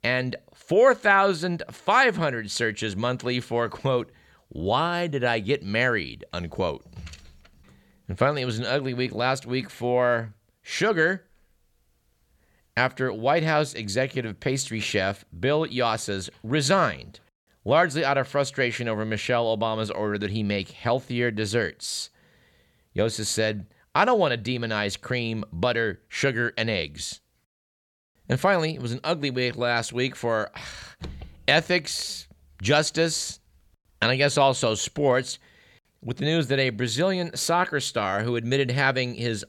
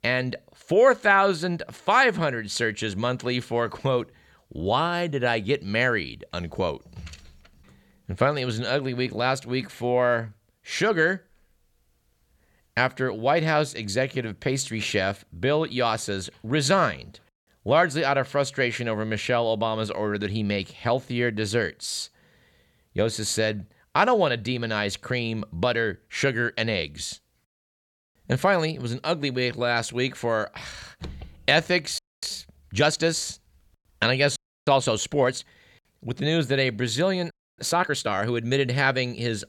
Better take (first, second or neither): first